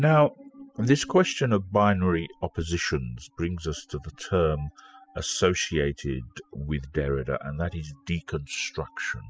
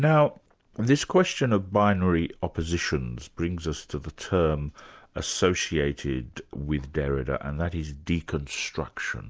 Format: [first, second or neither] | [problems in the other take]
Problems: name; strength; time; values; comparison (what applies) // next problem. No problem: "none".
second | noise reduction (classical method spectral subtraction)